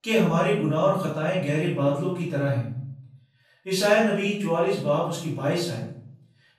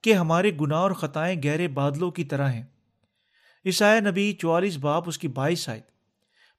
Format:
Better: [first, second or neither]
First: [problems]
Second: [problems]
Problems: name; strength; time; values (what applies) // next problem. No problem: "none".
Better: second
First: off-mic speech; far // room echo; noticeable; dies away in 0.6 s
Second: none